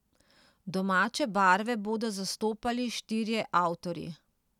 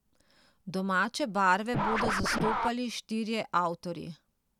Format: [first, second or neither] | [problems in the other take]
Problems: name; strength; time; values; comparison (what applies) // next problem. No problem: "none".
first | background sound (Scratching (performance technique)); 2 dB below the speech